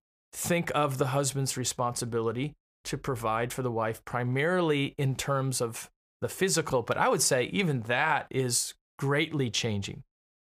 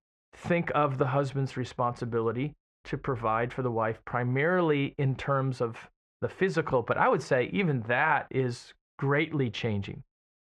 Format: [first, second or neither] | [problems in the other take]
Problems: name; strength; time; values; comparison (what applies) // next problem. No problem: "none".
first | muffled; very; fading above 2 kHz